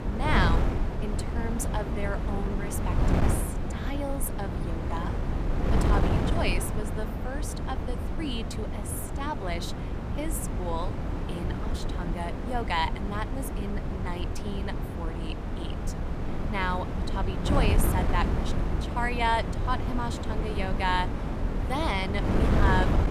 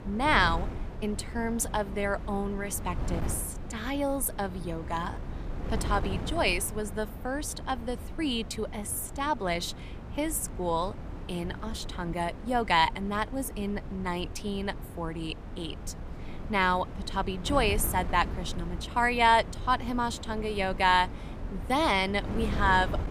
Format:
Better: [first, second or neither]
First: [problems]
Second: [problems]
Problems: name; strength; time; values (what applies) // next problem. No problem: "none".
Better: second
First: wind noise on the microphone; heavy; 4 dB below the speech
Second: wind noise on the microphone; occasional gusts; 15 dB below the speech